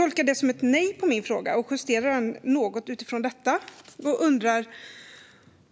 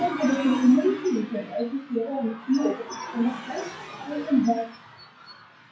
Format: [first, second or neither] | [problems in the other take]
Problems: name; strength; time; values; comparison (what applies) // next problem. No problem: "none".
first | noise reduction (classical method WPE with log-MMSE)